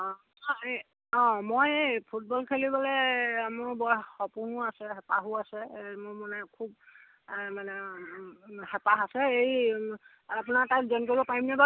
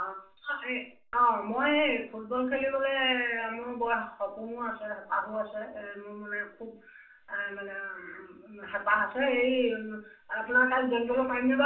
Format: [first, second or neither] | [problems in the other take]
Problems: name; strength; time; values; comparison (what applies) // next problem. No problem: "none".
first | room echo; dies away in 0.4 s